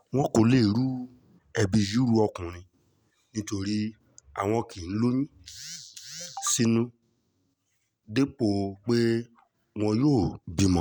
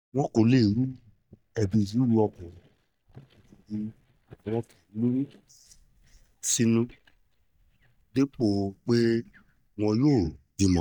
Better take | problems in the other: first | noise reduction (neural mask model DeepFilterNet 3)

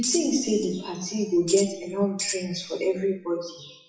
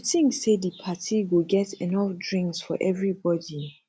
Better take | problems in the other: second | noise reduction (classical method WPE with log-MMSE)

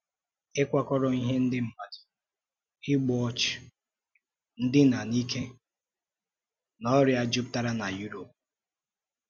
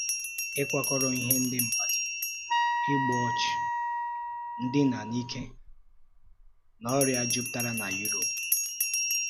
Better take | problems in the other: first | background sound (Wind instrument, woodwind instrument + Bell); 2 dB above the speech

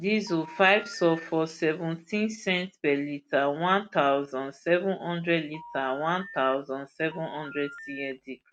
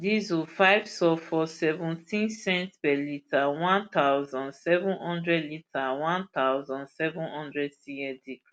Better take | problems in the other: second | background sound (Telephone); 17 dB below the speech

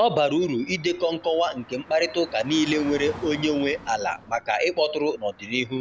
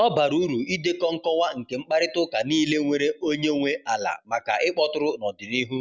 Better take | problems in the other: second | background sound (Traffic noise, roadway noise / Car); 19 dB below the speech

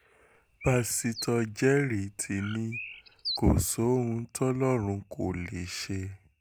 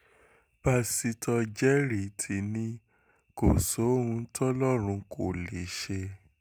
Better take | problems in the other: second | background sound (Bird); 13 dB below the speech

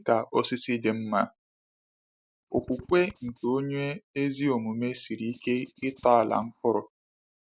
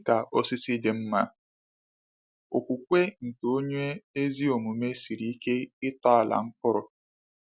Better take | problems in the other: second | noise reduction (neural mask model Resemble Enhance denoiser)

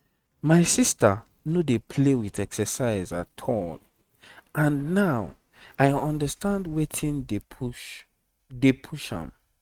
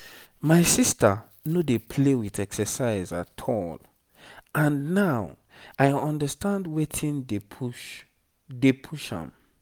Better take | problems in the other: second | noise reduction (neural mask model RNNoise)

